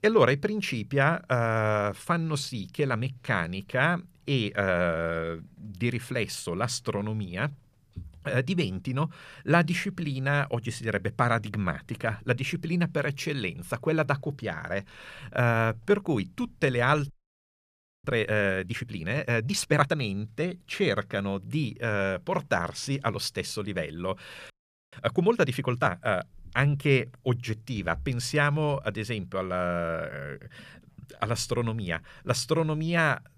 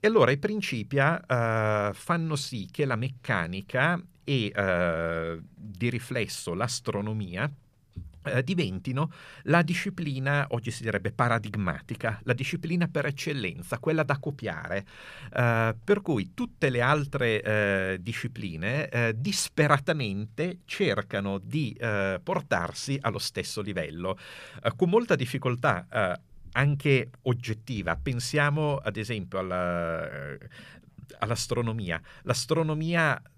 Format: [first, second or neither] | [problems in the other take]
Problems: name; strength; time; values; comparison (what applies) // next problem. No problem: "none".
second | audio freezing; at 17 s for 1 s and at 25 s